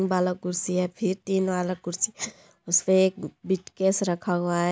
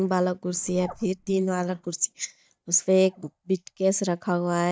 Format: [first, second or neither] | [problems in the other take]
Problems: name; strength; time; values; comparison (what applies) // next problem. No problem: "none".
first | noise reduction (neural mask model DeepFilterNet 3)